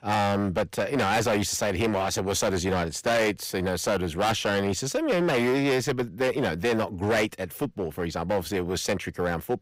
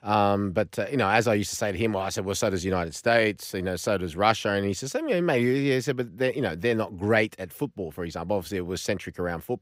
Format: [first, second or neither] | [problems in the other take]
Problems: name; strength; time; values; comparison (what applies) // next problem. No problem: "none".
second | distortion; heavy; 14% of the sound clipped